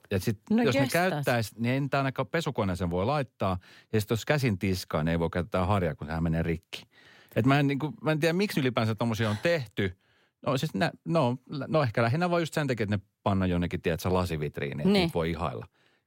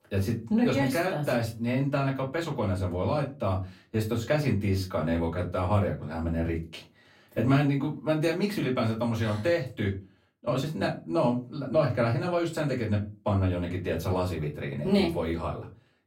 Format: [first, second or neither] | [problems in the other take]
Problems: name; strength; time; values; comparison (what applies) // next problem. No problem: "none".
first | off-mic speech; far // room echo; very slight; dies away in 0.3 s